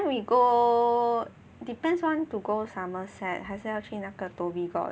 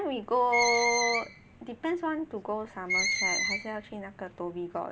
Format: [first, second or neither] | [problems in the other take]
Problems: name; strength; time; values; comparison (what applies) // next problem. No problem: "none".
first | background sound (Screech); 2 dB below the speech